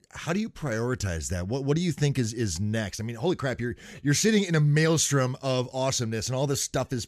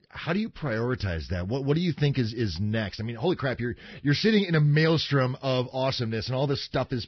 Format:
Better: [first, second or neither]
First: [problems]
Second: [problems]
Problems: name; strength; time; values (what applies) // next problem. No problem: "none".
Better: first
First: none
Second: garbled, watery; badly; nothing above 5.5 kHz